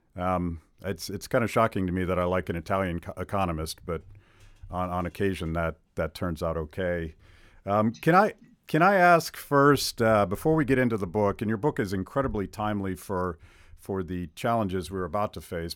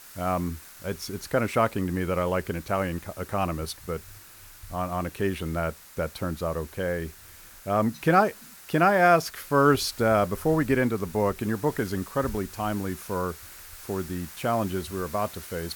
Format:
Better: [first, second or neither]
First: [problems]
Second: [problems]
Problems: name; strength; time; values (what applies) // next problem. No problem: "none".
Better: first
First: none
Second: hiss; noticeable; throughout; 15 dB below the speech